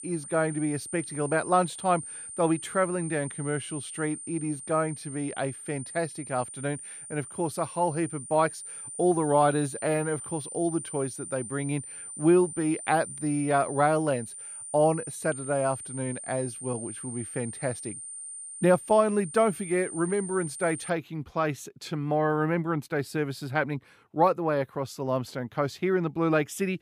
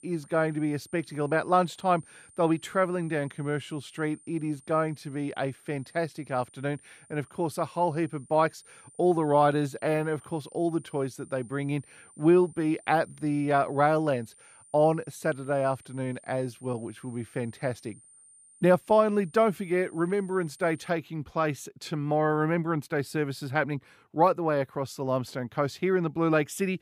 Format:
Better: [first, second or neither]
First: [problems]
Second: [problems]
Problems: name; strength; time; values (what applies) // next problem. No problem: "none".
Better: second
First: high-pitched whine; loud; until 21 s; 9 kHz, 10 dB below the speech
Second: high-pitched whine; faint; until 21 s; 9 kHz, 25 dB below the speech